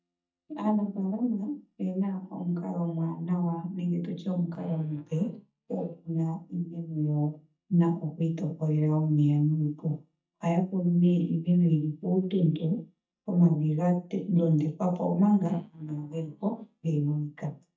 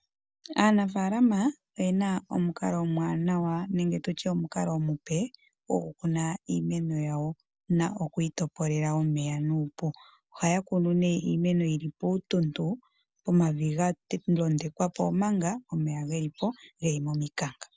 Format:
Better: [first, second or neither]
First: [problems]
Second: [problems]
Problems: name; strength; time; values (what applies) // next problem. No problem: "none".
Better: second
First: noise reduction (neural mask model DeepFilterNet 3)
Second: none